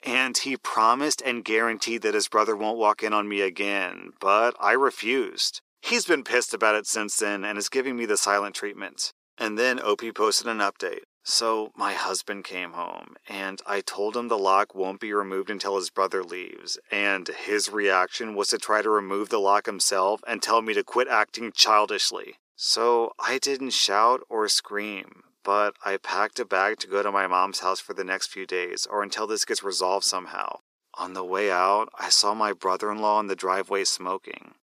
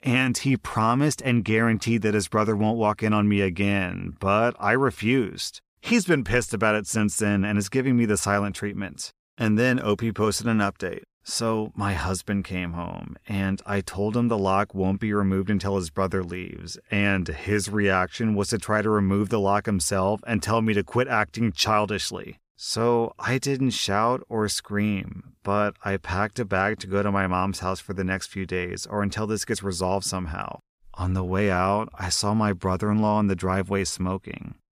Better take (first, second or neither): second